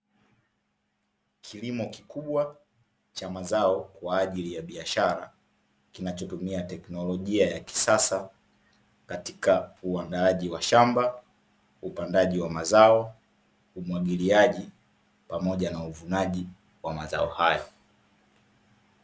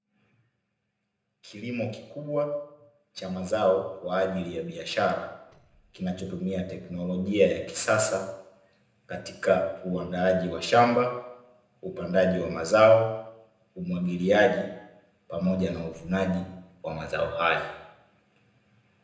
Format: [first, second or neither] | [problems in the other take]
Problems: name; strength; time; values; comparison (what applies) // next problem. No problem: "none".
first | noise reduction (neural separator model SepFormer DNS4)